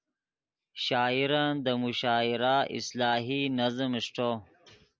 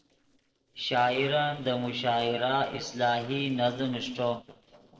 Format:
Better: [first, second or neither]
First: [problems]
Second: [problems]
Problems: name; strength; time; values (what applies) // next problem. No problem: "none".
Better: first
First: none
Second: noise reduction (neural separator model SepFormer DNS4)